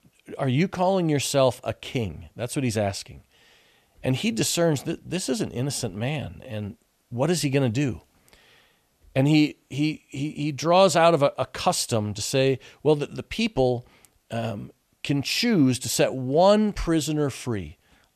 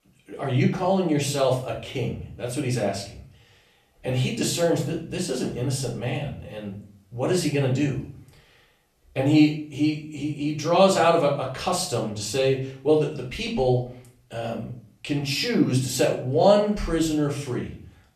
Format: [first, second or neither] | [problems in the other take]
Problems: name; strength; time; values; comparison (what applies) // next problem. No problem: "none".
first | off-mic speech; far // room echo; slight; dies away in 0.4 s